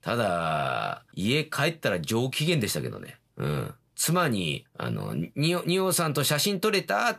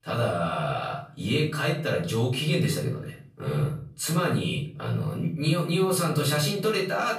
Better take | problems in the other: first | off-mic speech; far // room echo; slight; dies away in 0.5 s

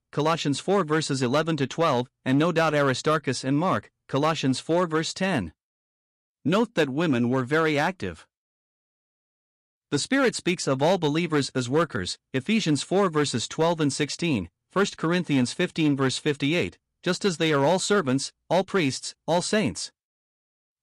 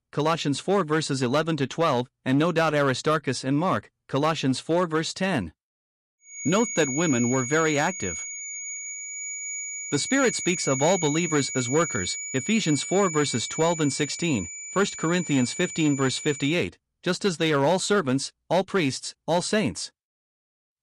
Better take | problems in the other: first | high-pitched whine; loud; from 6.5 to 16 s; 6.5 kHz, 6 dB below the speech

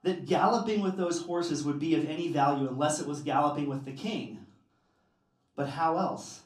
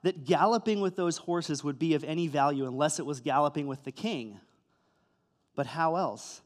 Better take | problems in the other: second | off-mic speech; far // room echo; very slight; dies away in 0.3 s

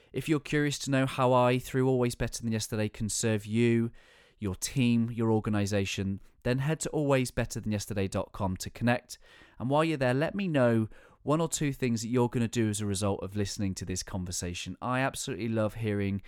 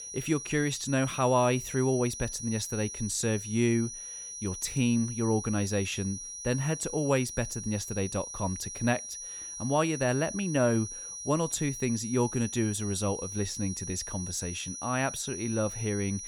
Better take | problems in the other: first | high-pitched whine; loud; throughout; 6 kHz, 8 dB below the speech

